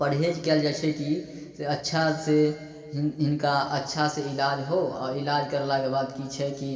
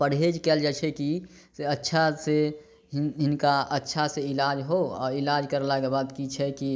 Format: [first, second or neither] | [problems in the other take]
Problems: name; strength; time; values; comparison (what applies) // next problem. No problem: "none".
second | room echo; dies away in 2.3 s